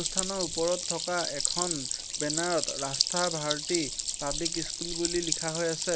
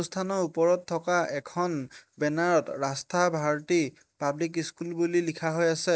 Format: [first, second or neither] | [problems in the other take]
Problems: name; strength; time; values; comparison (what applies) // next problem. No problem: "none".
second | background sound (Stream); 1 dB above the speech